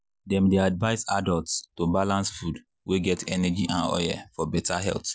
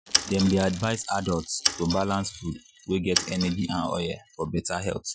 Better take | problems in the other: first | noise reduction (classical method Wiener filter)

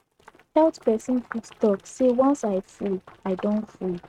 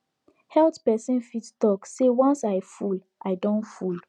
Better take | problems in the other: second | noise reduction (neural mask model RNNoise)

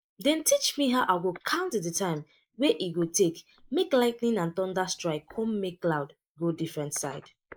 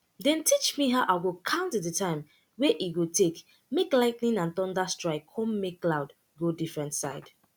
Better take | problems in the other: second | noise reduction (neural mask model Resemble Enhance denoiser)

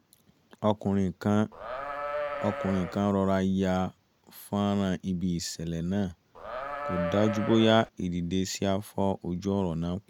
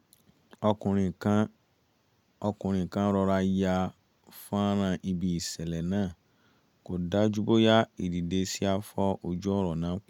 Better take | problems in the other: second | background sound (Livestock, farm animals, working animals); 6 dB below the speech

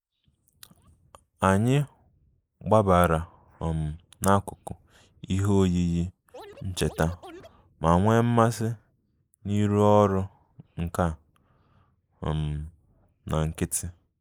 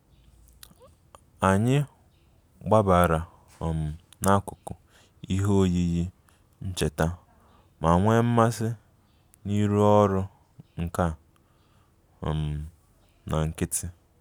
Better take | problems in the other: second | noise reduction (neural mask model Resemble Enhance denoiser)

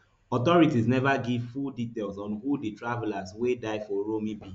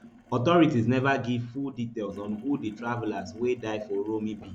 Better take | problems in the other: first | background sound (Sink (filling or washing)); 20 dB below the speech

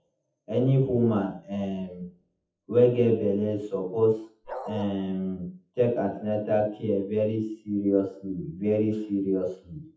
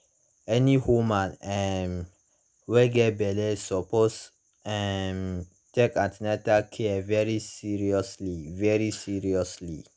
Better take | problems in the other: second | noise reduction (classical method WPE with log-MMSE)

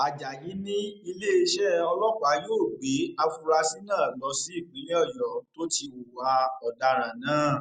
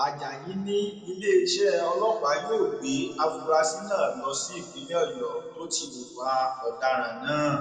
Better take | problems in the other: first | room echo; dies away in 1.8 s

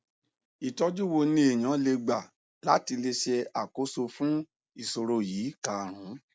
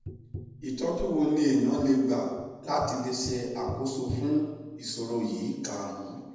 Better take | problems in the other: first | background sound (Tap); 13 dB below the speech // room echo; dies away in 1 s

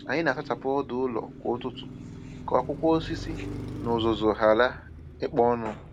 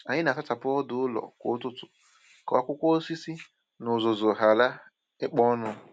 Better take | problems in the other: second | background sound (Car passing by); 12 dB below the speech

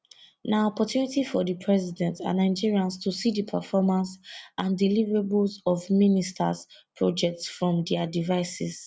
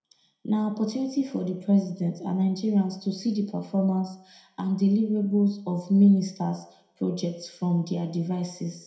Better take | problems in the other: first | room echo; dies away in 0.6 s

